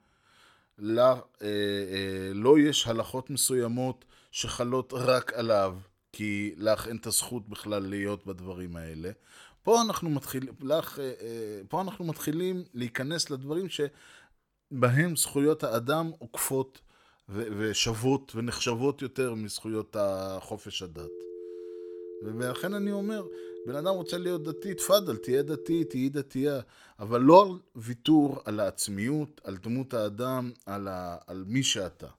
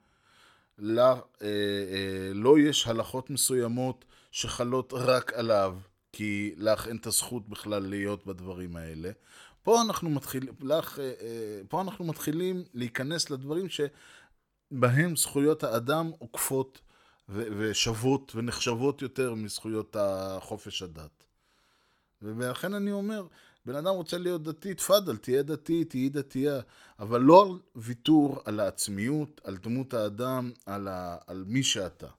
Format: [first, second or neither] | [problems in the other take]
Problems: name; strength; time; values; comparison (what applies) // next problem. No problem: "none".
second | phone ringing; faint; from 21 to 26 s; peak 15 dB below the speech